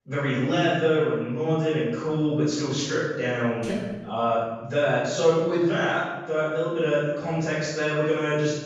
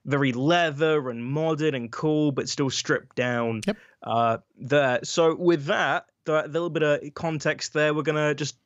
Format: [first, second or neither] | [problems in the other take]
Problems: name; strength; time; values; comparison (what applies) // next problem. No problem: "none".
second | off-mic speech; far // room echo; strong; dies away in 1 s